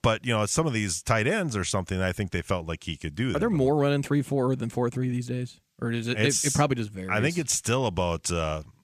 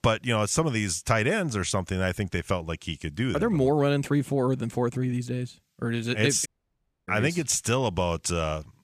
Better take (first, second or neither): first